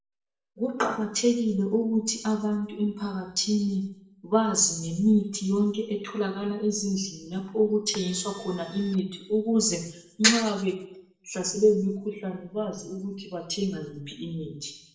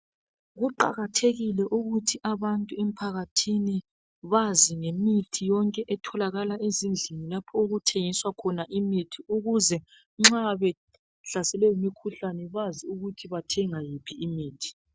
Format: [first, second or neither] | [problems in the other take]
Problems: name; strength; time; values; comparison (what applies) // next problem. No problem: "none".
second | background sound (Printer); 19 dB below the speech // room echo; dies away in 0.7 s